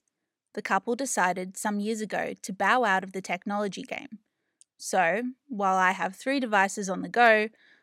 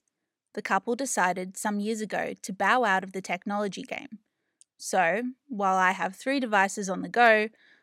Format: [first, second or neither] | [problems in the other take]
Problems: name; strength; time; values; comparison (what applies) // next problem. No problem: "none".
neither | none